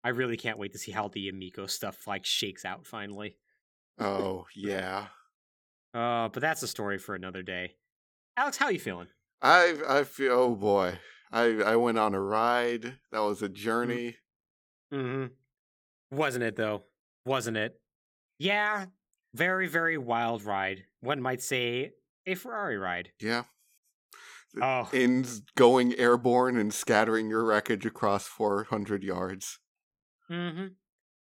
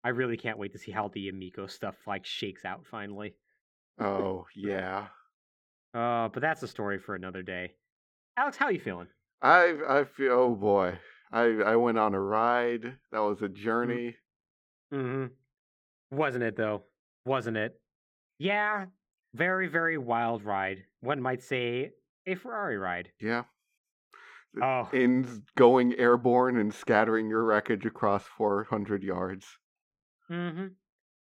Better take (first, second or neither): first